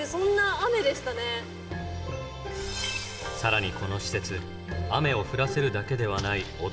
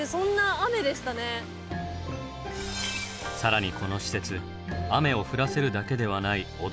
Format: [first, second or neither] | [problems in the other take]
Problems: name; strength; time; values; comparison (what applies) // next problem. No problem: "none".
second | background sound (Splash, splatter); 20 dB below the speech // room echo; dies away in 1.7 s